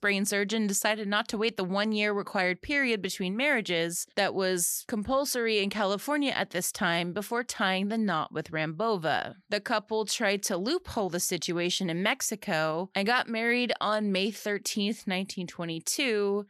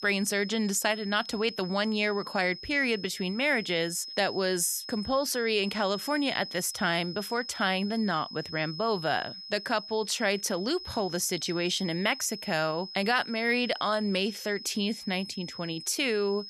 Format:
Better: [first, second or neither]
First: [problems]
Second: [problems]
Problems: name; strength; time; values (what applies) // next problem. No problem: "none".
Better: first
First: none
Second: high-pitched whine; noticeable; throughout; 5 kHz, 10 dB below the speech